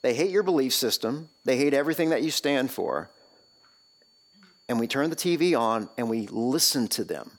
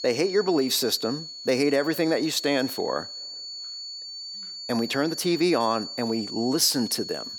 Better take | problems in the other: first | high-pitched whine; loud; throughout; 4.5 kHz, 9 dB below the speech; faint in the first

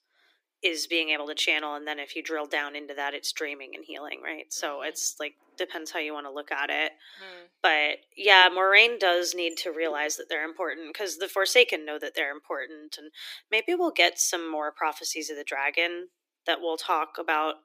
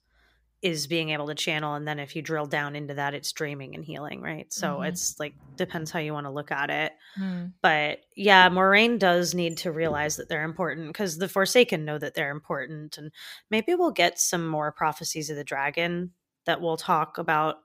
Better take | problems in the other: second | thin; very; fading below 300 Hz

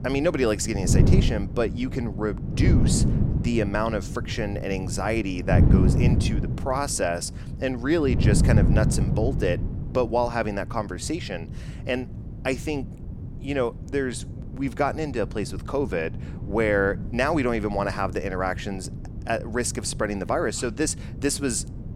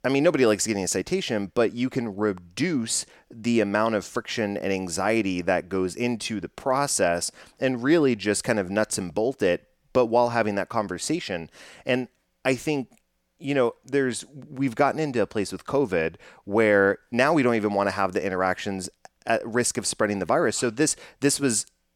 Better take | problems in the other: second | wind noise on the microphone; heavy; 10 dB below the speech

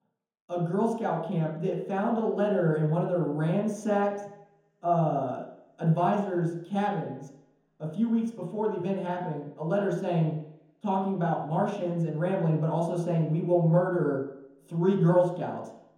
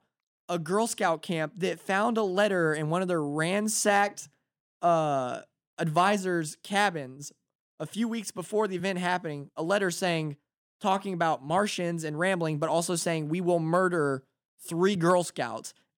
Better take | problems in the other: second | room echo; noticeable; dies away in 3 s // off-mic speech; far

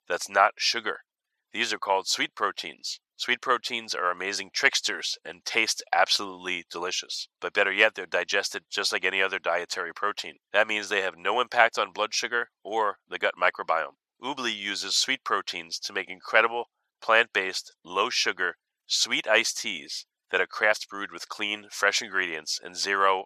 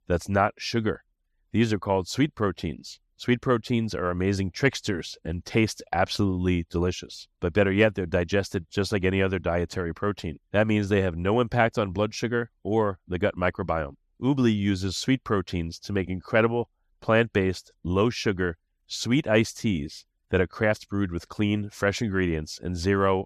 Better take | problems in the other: second | thin; very; fading below 850 Hz

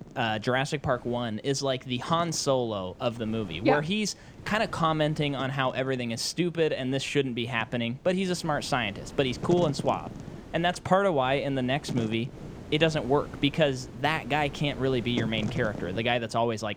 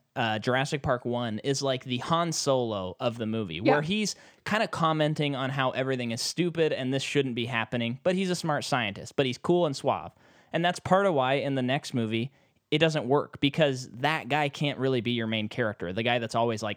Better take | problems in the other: second | wind noise on the microphone; occasional gusts; 20 dB below the speech

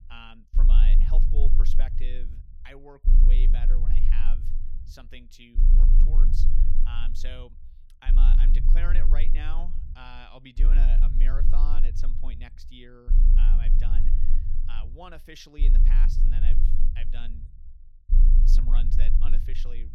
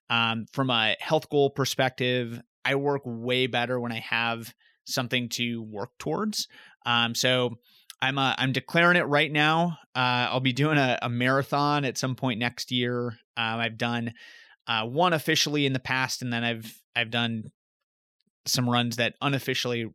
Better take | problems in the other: second | low rumble; loud; throughout; 4 dB below the speech

